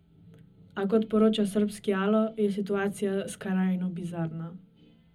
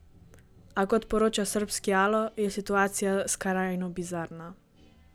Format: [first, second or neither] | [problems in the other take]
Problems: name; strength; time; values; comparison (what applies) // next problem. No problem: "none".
second | room echo; dies away in 0.4 s